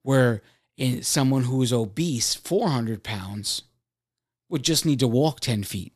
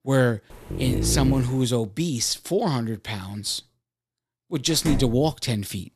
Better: first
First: none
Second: dog barking; noticeable; at 0.5 s; peak 1 dB below the speech // door banging; noticeable; at 4.5 s; peak 6 dB below the speech

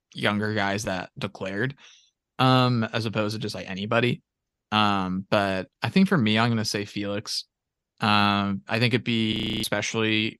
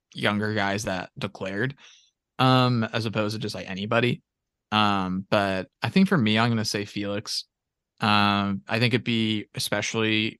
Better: second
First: audio freezing; at 9.5 s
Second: none

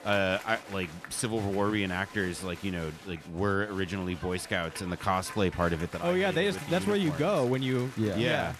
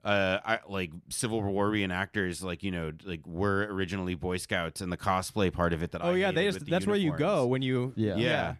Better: second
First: crowd noise; noticeable; throughout; 15 dB below the speech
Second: none

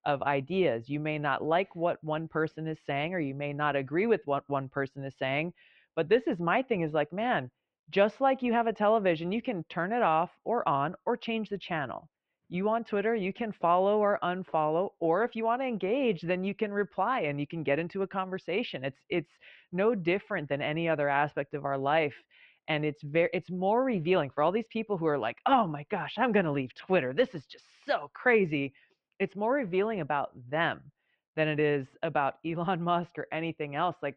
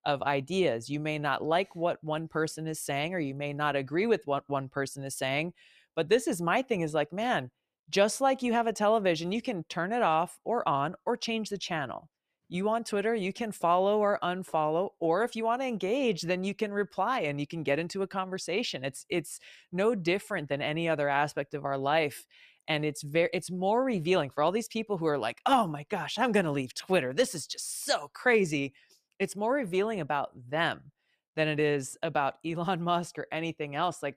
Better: second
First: muffled; very; fading above 3 kHz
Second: none

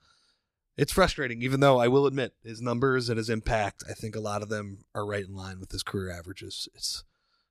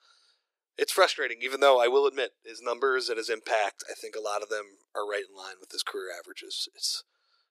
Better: first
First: none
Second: thin; very; fading below 400 Hz

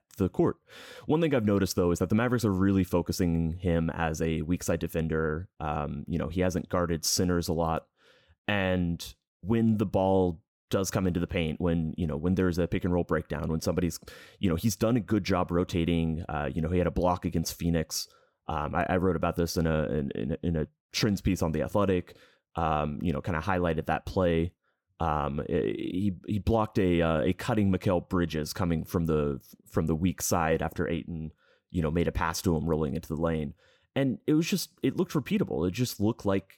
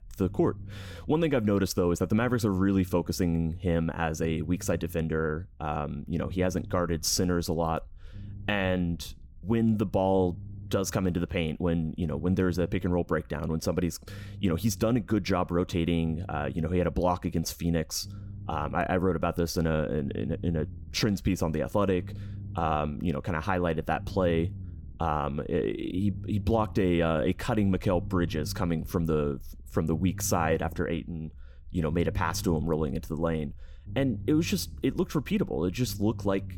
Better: first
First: none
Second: low rumble; faint; throughout; 25 dB below the speech

